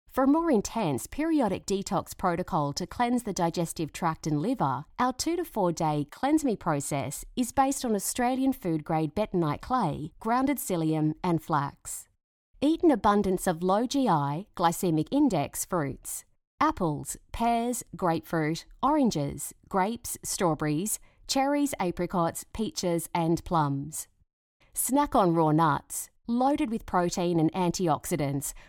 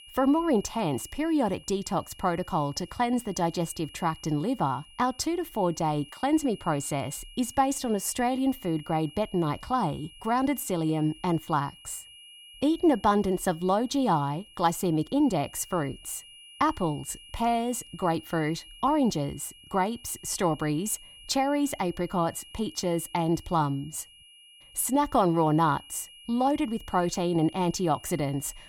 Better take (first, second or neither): first